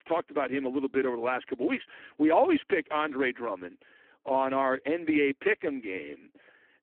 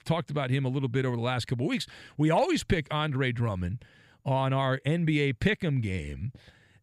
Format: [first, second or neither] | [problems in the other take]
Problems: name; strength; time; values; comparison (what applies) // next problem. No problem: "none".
second | phone-call audio; poor line